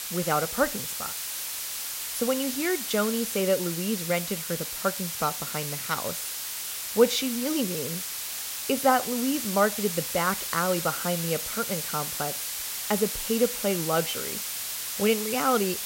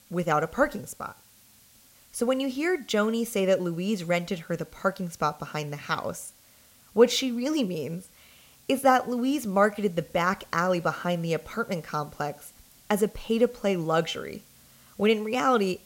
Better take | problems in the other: second | hiss; loud; throughout; 3 dB below the speech; faint in the second

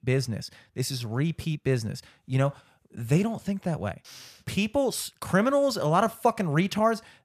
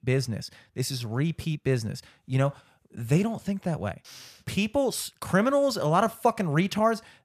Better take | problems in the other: neither | none

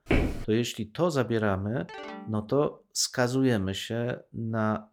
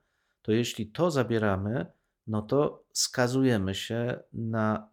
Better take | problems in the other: second | footsteps; loud; at the start; peak 1 dB above the speech // phone ringing; faint; at 2 s; peak 10 dB below the speech

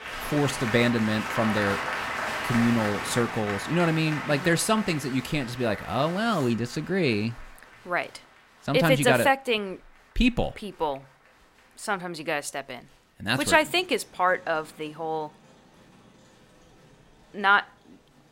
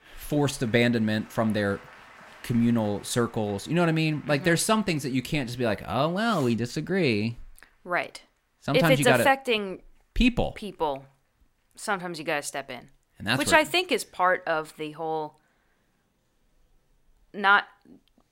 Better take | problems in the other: second | crowd noise; loud; throughout; 7 dB below the speech; faint in the second

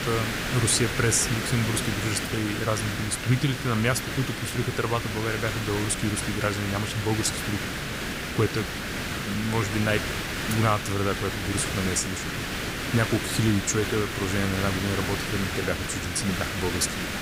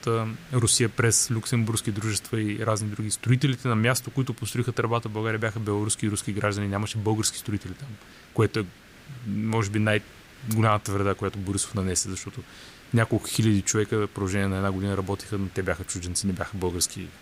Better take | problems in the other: second | hiss; loud; throughout; 2 dB below the speech; faint in the second

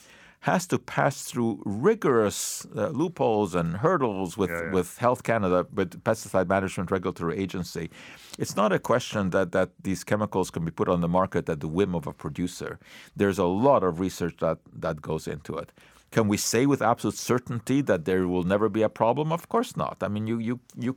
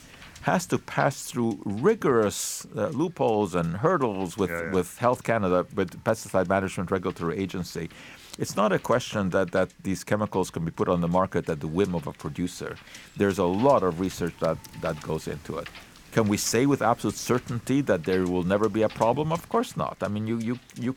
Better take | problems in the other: first | wind noise on the microphone; occasional gusts; 20 dB below the speech

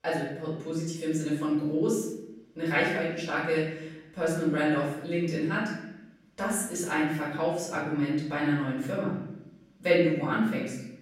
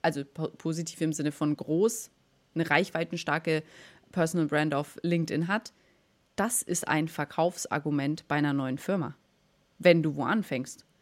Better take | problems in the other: second | off-mic speech; far // room echo; noticeable; dies away in 0.8 s

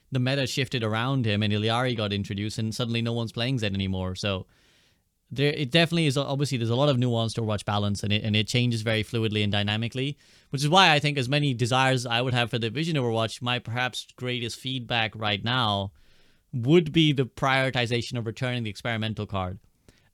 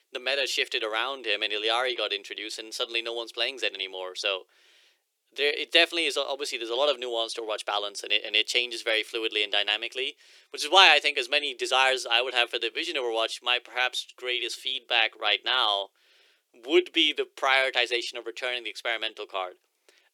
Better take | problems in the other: first | thin; very; fading below 350 Hz

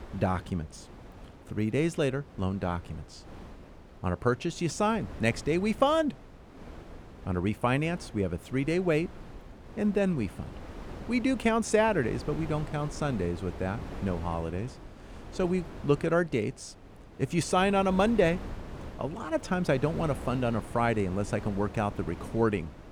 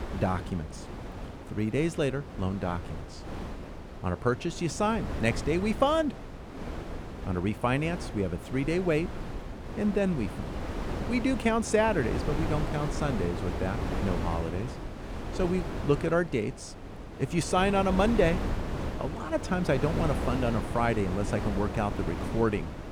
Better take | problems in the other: first | wind noise on the microphone; heavy; 9 dB below the speech; occasional gusts in the first

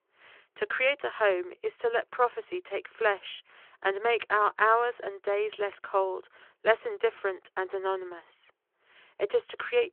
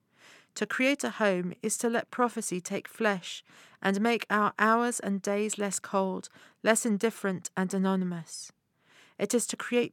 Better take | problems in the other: second | phone-call audio

